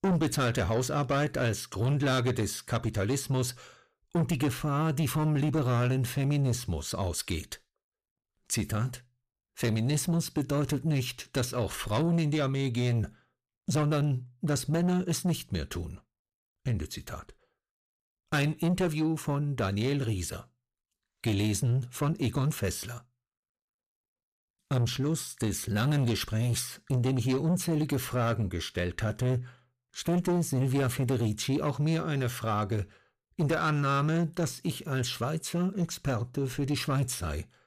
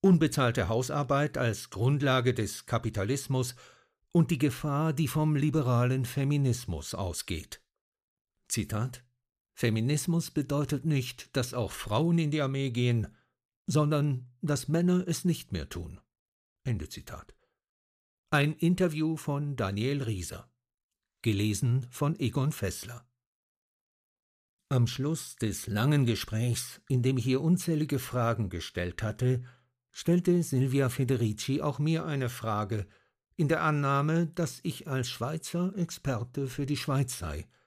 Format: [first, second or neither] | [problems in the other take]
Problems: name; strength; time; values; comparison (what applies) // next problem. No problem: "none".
second | distortion; slight; 10 dB below the speech